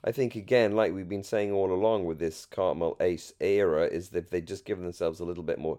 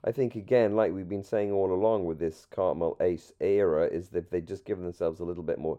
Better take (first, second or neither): first